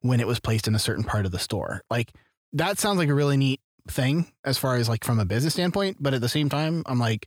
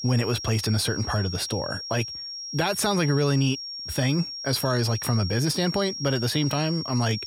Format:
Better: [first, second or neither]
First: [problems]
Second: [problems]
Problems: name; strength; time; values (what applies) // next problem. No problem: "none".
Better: first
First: none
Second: high-pitched whine; loud; throughout; 5.5 kHz, 7 dB below the speech